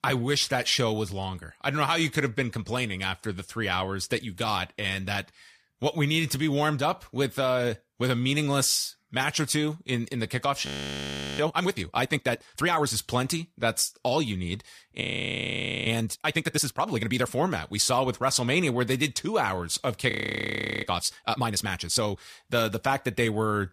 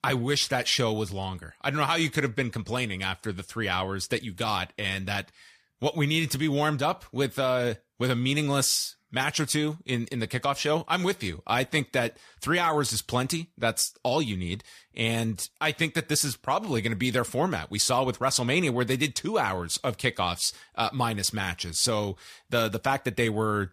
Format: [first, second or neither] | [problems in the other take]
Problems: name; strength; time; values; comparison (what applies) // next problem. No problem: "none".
second | audio freezing; at 11 s for 0.5 s, at 15 s for 1 s and at 20 s for 0.5 s